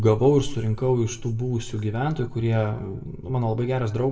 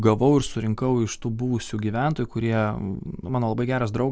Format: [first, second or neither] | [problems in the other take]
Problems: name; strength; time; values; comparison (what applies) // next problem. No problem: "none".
second | room echo; dies away in 0.6 s